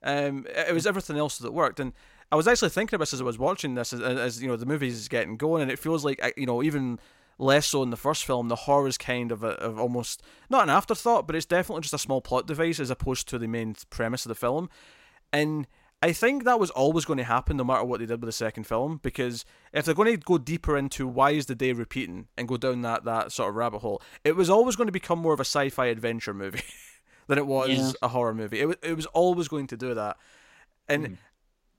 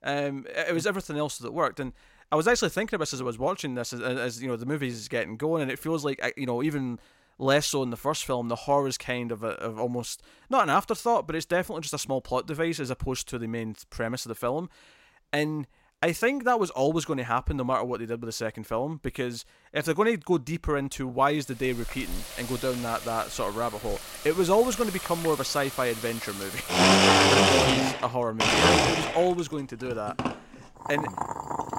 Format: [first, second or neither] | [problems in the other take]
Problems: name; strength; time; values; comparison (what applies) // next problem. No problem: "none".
first | household noises; very loud; from 22 s on; 5 dB above the speech